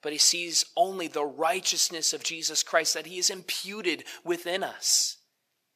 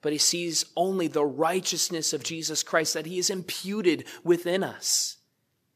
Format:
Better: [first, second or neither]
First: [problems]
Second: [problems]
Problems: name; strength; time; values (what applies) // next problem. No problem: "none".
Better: second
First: thin; somewhat; fading below 700 Hz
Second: none